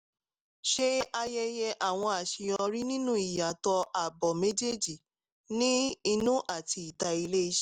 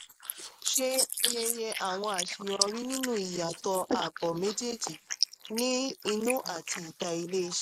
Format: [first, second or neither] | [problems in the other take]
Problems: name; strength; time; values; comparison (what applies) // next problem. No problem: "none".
first | noise reduction (neural mask model Resemble Enhance denoiser)